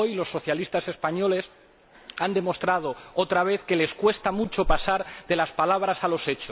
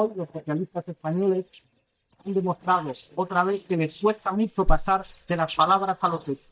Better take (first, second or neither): first